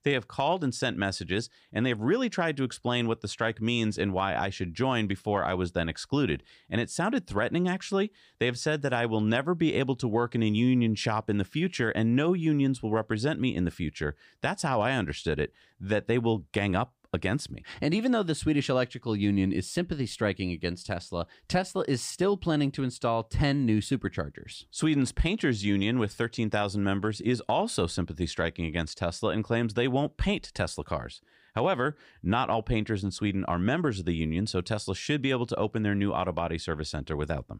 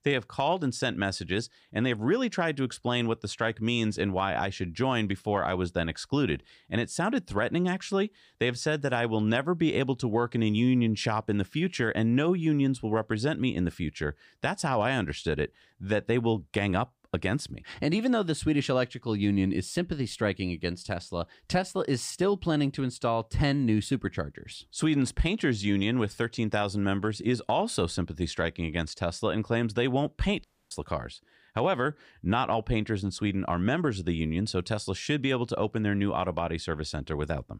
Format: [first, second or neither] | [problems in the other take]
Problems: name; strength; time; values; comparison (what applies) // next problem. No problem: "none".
first | audio cutting out; at 30 s